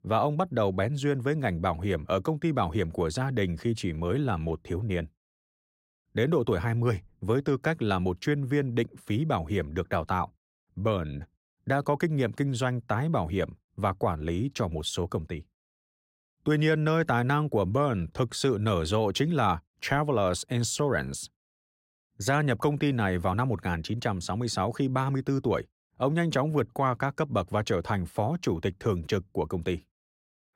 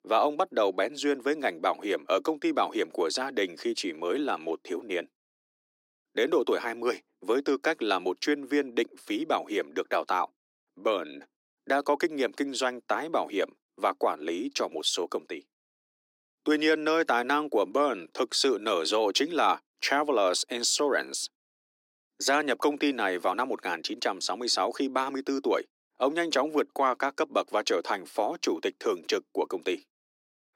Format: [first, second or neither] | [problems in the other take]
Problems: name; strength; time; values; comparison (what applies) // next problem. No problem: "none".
first | thin; somewhat; fading below 300 Hz